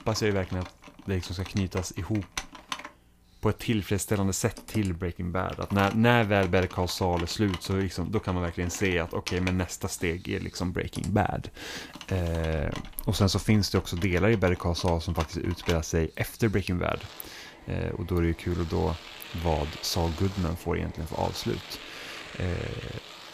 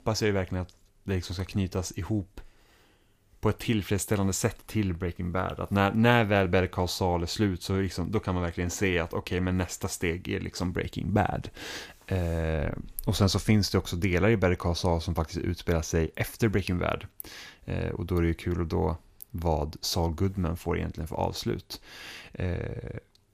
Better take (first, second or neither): second